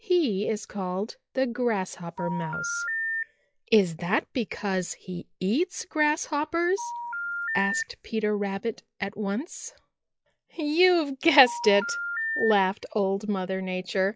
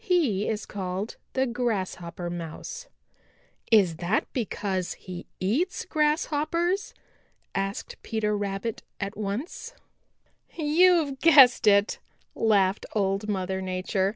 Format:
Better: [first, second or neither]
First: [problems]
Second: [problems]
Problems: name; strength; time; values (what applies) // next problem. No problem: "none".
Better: second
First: noise reduction (classical method log-MMSE)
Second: none